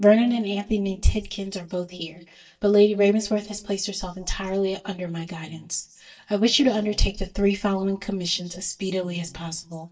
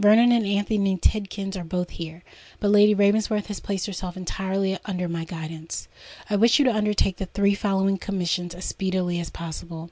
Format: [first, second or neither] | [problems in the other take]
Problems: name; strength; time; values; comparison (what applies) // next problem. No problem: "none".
second | noise reduction (neural mask model DeepFilterNet 3)